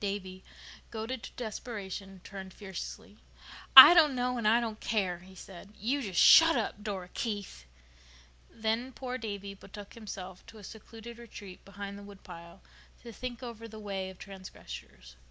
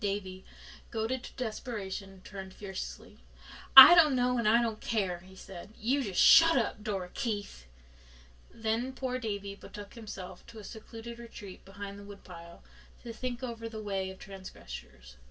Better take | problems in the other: first | room echo; dies away in 0.1 s

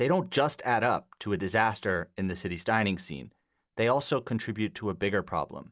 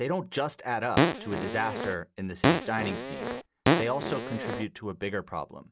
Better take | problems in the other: first | background sound (Fart); 5 dB above the speech

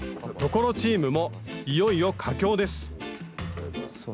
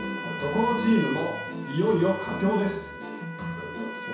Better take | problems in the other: first | background sound (Trumpet); 10 dB below the speech // room echo; dies away in 0.7 s

